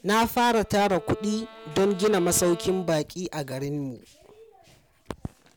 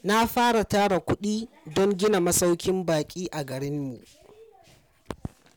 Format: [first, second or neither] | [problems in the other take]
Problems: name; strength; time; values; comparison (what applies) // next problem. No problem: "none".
second | background sound (Bowed string instrument); 17 dB below the speech